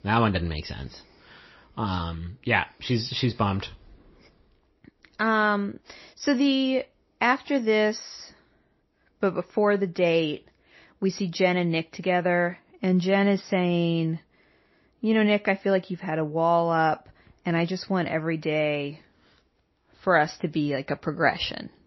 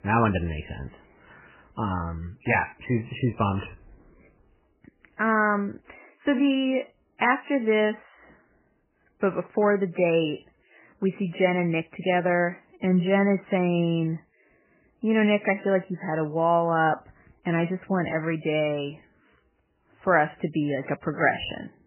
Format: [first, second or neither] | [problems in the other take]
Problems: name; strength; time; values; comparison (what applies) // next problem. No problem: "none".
first | garbled, watery; badly; nothing above 3 kHz; slightly in the first